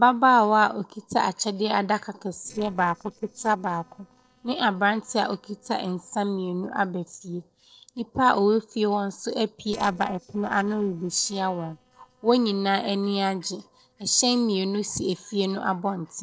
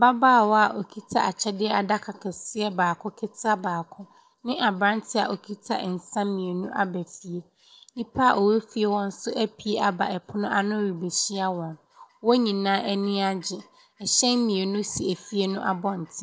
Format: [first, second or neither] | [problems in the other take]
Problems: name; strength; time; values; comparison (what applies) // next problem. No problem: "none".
second | noise reduction (neural separator model SepFormer DNS4)